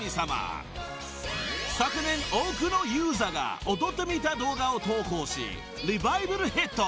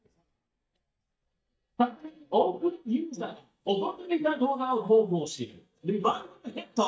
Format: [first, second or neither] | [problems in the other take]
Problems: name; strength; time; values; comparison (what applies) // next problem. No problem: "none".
first | noise reduction (neural mask model DeepFilterNet 3)